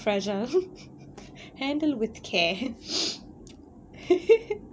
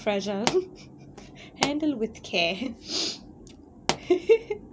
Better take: first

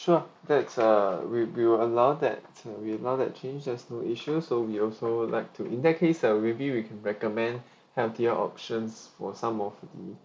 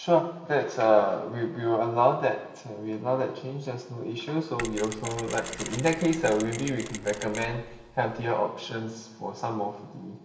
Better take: first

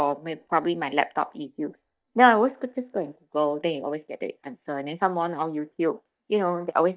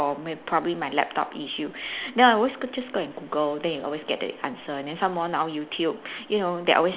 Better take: second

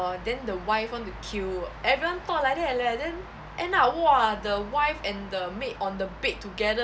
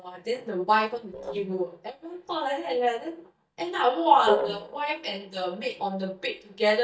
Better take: first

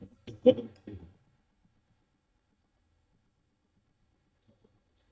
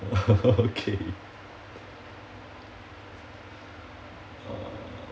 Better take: second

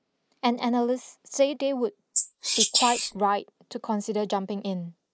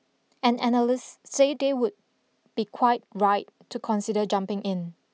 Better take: second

